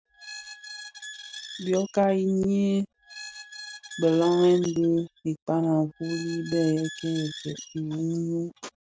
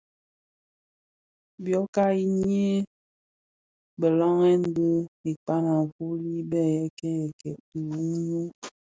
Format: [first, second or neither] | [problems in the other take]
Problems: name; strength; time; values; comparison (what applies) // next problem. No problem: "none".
second | background sound (Squeak); 17 dB below the speech